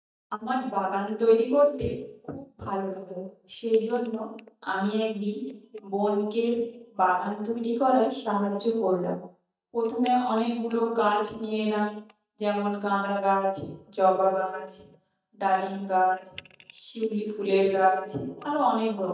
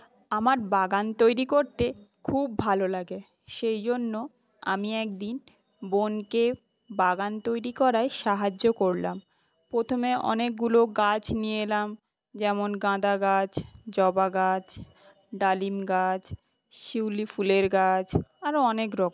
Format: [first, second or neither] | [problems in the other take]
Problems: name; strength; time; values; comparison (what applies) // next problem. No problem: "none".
second | noise reduction (neural mask model DeepFilterNet 3)